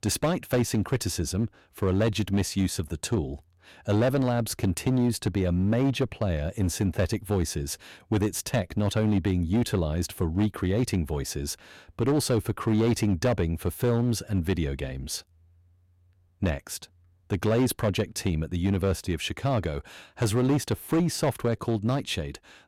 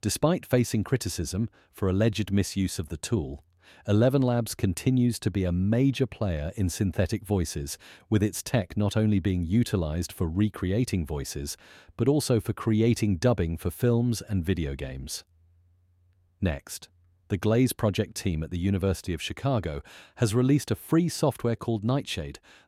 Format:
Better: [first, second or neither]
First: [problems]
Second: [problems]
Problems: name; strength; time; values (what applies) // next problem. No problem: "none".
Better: second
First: distortion; slight; 11% of the sound clipped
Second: none